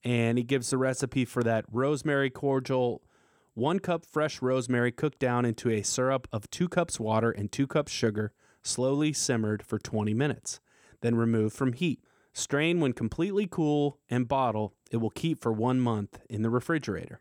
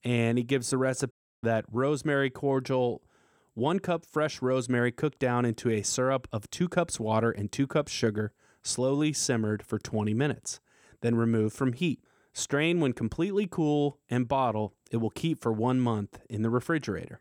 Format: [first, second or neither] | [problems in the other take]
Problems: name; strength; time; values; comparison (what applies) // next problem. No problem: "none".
first | audio cutting out; at 1 s